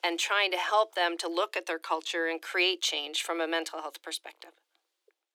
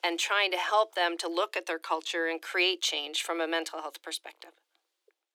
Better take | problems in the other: neither | thin; very; fading below 350 Hz; the same in both

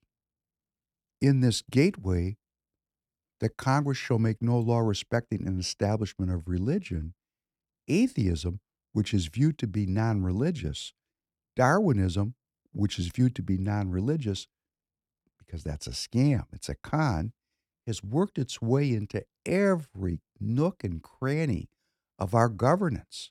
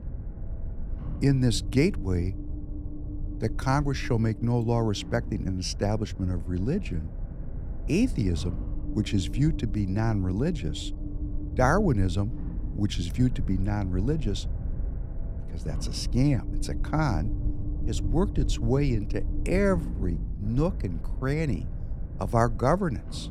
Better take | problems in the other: first | low rumble; noticeable; throughout; 15 dB below the speech

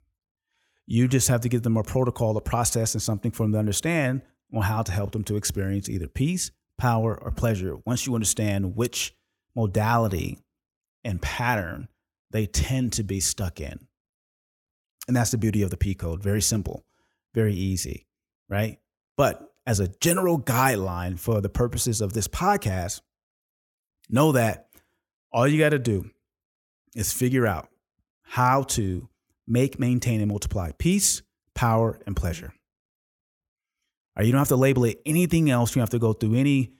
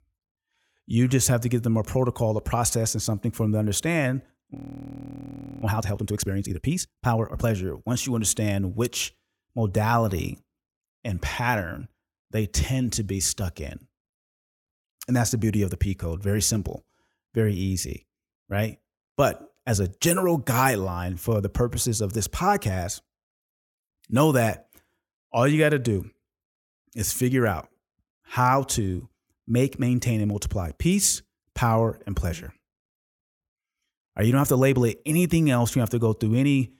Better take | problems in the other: first | audio freezing; at 4.5 s for 1 s

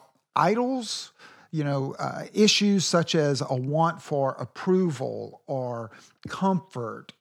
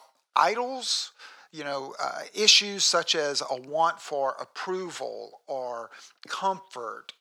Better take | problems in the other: first | thin; very; fading below 600 Hz

